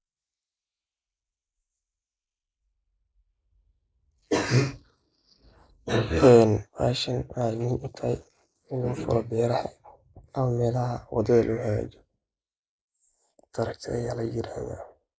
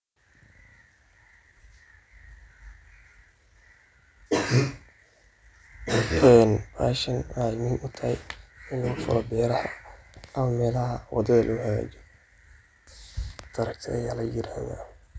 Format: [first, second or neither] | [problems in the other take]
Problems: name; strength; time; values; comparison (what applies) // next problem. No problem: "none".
second | noise reduction (neural mask model Resemble Enhance denoiser)